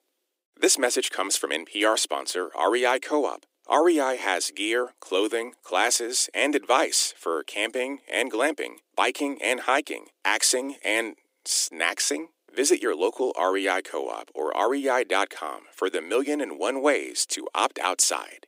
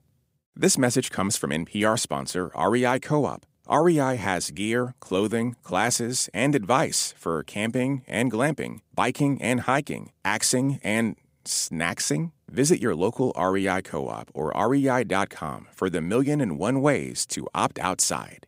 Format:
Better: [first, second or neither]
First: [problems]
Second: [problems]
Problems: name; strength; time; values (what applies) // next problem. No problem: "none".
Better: second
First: thin; somewhat; fading below 300 Hz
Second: none